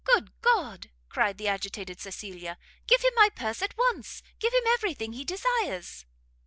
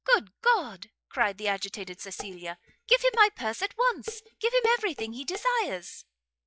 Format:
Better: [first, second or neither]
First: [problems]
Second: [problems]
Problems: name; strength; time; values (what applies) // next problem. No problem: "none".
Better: first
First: none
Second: noise reduction (classical method log-MMSE)